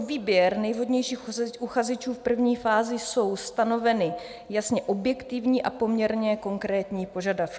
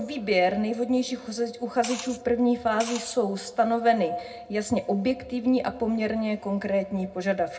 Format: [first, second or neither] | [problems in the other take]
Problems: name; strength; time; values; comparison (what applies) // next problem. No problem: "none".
first | background sound (Liquid); 14 dB below the speech // room echo; dies away in 0.2 s